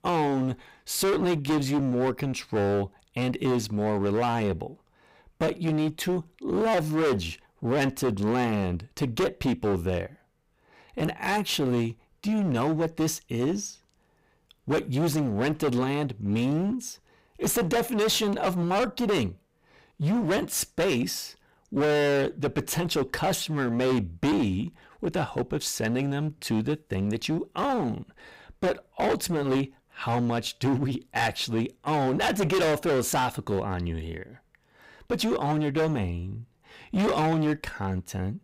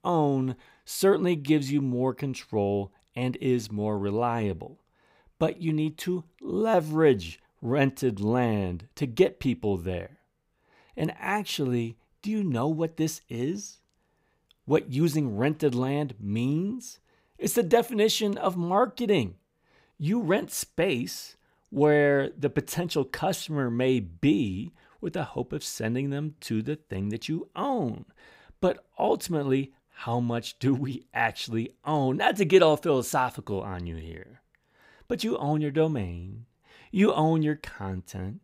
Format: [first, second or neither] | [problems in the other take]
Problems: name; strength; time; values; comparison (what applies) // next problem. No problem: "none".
second | distortion; heavy; 17% of the sound clipped